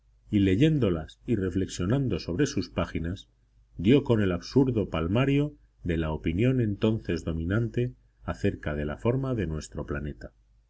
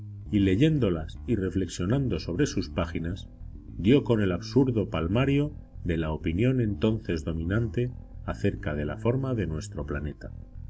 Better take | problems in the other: first | background sound (Bass guitar); 13 dB below the speech

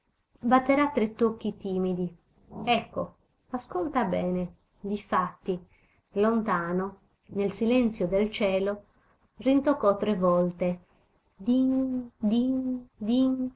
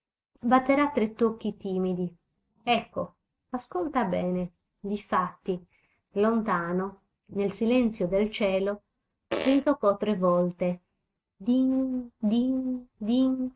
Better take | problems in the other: first | noise reduction (neural mask model RNNoise)

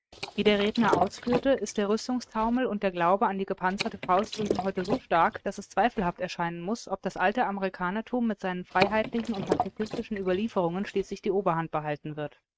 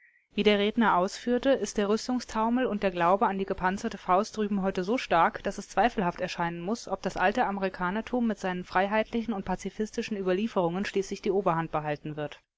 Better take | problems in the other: second | noise reduction (neural mask model RNNoise)

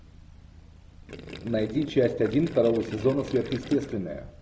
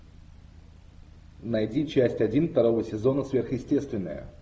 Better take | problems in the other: second | background sound (Gurgling); 14 dB below the speech

